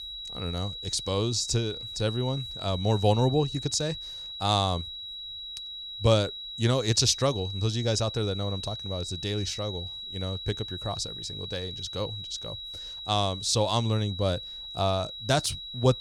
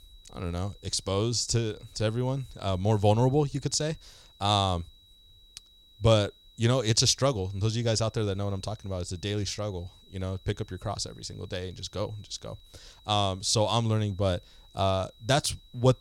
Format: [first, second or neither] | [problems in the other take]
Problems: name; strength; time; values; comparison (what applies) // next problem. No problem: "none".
second | high-pitched whine; loud; throughout; 4 kHz, 8 dB below the speech; faint in the second